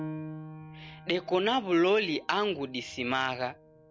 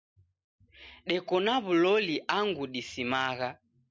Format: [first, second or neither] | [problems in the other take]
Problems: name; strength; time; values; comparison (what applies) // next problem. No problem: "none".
second | background sound (Piano); 15 dB below the speech